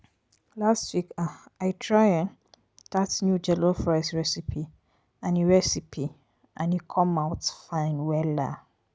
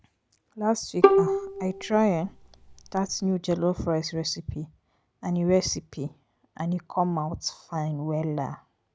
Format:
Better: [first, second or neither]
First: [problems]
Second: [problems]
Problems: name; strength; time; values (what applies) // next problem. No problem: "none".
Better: first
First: none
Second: background sound (Bowed string instrument); 3 dB above the speech